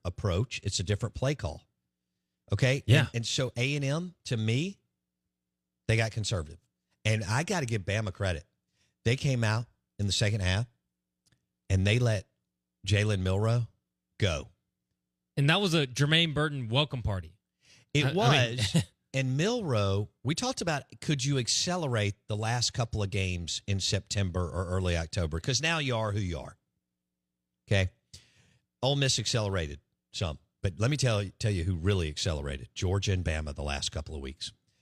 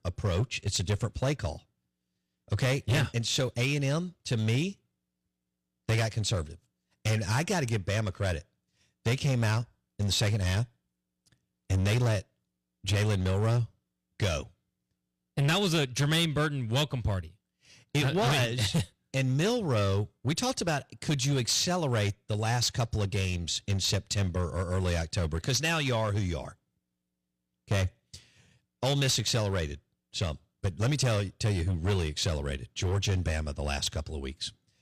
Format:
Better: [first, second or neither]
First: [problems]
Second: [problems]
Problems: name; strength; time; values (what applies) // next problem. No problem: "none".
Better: first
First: none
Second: distortion; slight; 8% of the sound clipped